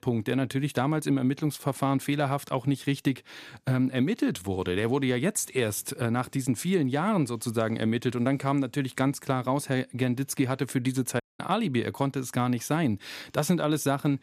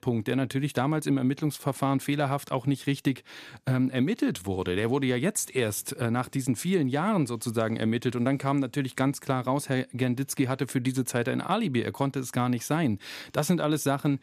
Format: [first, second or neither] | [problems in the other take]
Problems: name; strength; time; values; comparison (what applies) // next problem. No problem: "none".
second | audio cutting out; at 11 s